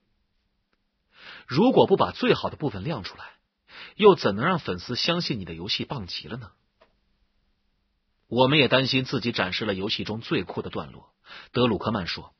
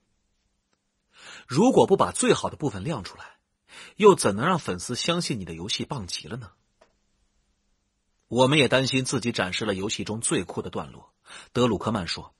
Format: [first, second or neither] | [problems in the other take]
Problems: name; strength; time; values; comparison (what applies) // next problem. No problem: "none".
second | garbled, watery; badly; nothing above 5.5 kHz; slightly in the second